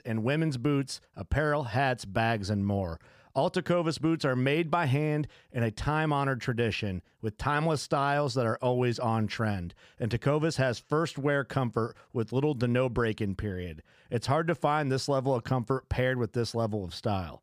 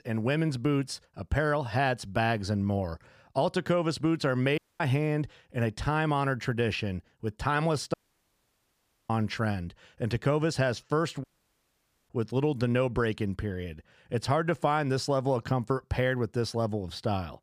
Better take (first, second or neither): first